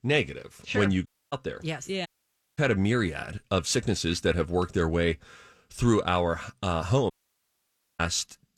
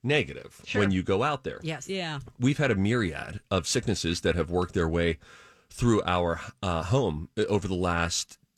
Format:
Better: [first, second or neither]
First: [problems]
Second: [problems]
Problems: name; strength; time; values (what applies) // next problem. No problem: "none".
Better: second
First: audio cutting out; at 1 s, at 2 s for 0.5 s and at 7 s for 1 s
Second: none